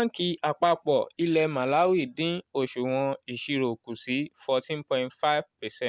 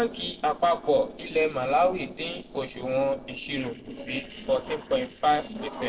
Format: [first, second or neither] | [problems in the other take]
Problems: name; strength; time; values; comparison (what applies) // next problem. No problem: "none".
first | noise reduction (neural separator model SepFormer DNS4)